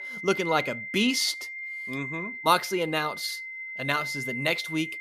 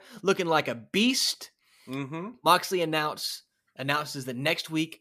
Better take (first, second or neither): second